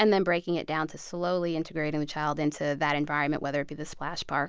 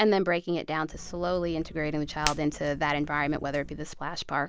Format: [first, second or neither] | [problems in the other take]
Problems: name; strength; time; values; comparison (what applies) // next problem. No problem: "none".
first | background sound (Hands); 11 dB below the speech